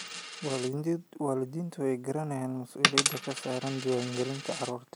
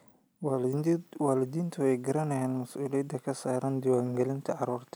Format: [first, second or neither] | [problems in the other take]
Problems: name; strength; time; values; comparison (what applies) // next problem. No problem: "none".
second | background sound (Coin (dropping)); 3 dB below the speech